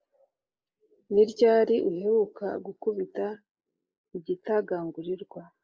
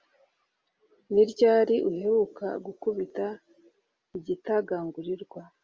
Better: second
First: noise reduction (neural mask model Resemble Enhance denoiser)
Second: none

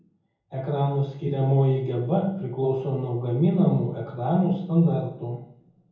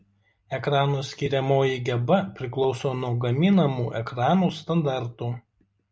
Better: second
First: room echo; dies away in 0.7 s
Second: none

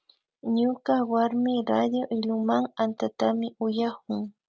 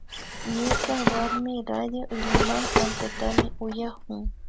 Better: first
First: none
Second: background sound (Drawer open or close); 3 dB above the speech

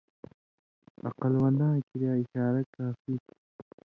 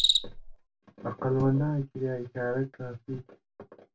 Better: first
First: none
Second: background sound (Cricket); 4 dB below the speech // room echo; dies away in 0.1 s

